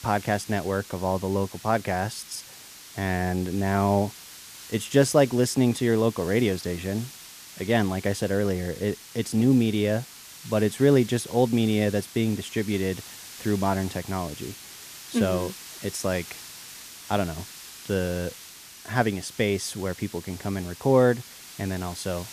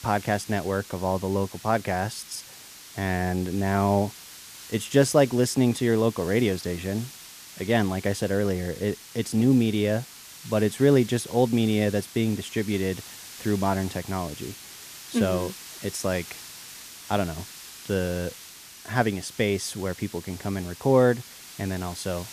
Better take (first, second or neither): neither